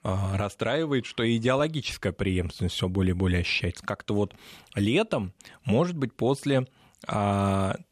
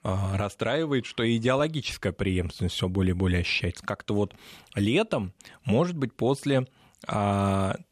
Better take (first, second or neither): neither